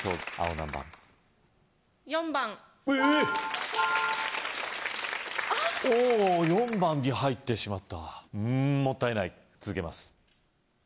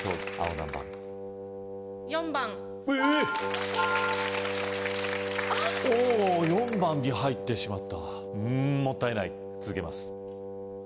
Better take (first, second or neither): first